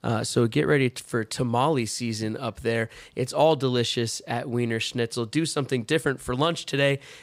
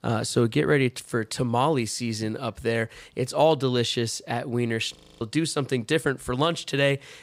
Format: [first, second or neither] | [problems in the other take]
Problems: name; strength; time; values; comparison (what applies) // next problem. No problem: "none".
first | audio freezing; at 5 s